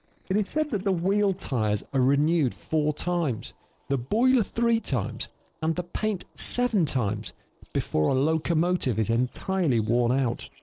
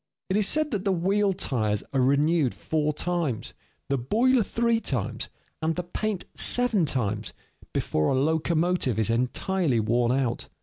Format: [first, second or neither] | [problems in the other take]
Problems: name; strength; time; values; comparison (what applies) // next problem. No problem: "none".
second | noise reduction (neural separator model SepFormer DNS4)